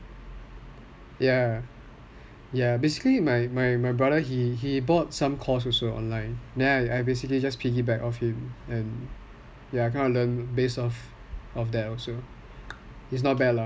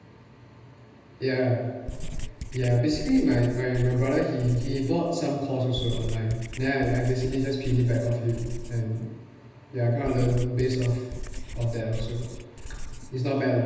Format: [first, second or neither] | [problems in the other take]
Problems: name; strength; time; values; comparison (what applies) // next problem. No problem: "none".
first | background sound (Writing); 8 dB below the speech // room echo; dies away in 1.1 s